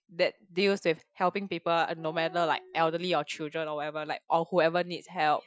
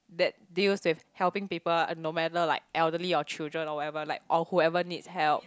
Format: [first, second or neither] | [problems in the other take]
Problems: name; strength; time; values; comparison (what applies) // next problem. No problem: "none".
second | noise reduction (classical method Wiener filter)